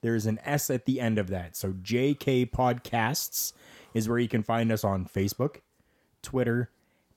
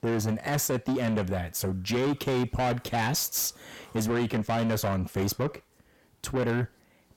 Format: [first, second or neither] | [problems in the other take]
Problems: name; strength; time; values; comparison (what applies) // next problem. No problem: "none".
first | distortion; heavy; 7 dB below the speech